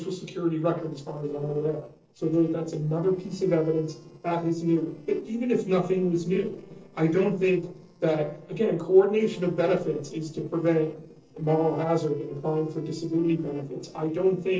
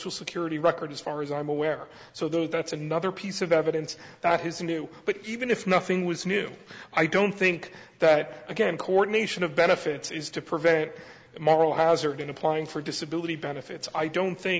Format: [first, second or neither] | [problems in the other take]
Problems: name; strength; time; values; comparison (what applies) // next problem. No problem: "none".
second | noise reduction (neural separator model SepFormer DNS4)